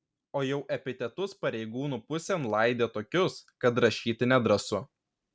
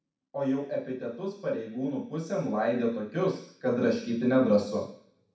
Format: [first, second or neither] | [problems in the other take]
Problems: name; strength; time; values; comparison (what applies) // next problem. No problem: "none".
first | room echo; dies away in 0.6 s